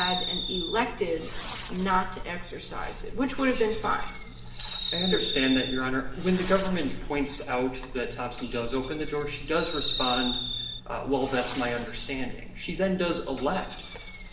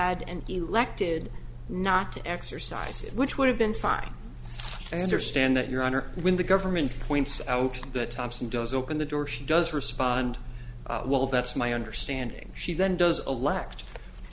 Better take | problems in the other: second | background sound (Fireworks); 8 dB below the speech // room echo; dies away in 1.4 s

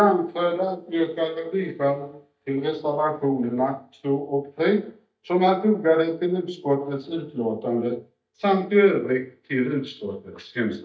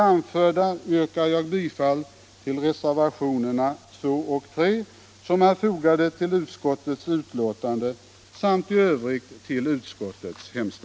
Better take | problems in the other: second | noise reduction (neural mask model DeepFilterNet 3)

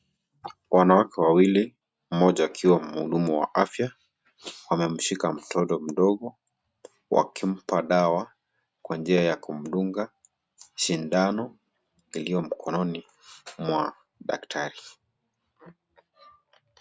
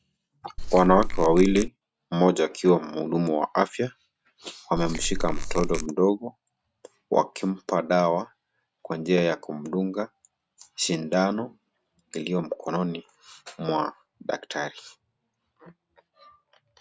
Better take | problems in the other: first | background sound (Squeak / Tools); as loud as the speech

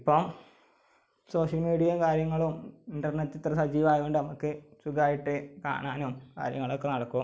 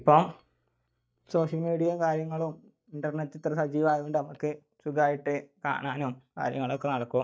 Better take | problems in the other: first | noise reduction (neural mask model DeepFilterNet 3)

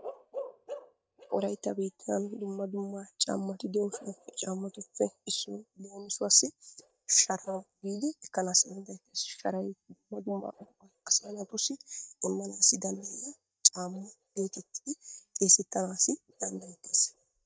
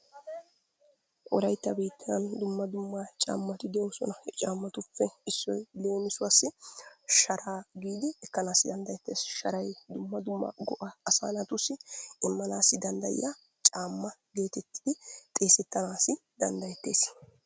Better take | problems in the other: second | noise reduction (neural mask model DeepFilterNet 3)

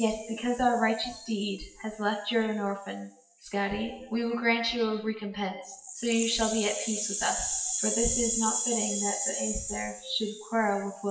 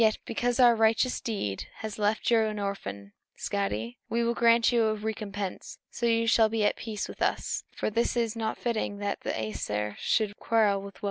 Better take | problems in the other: second | noise reduction (classical method WPE with log-MMSE)

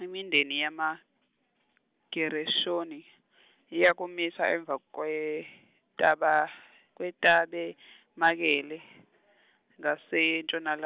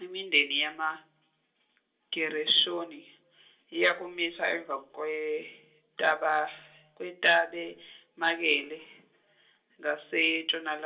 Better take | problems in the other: first | room echo; dies away in 0.2 s

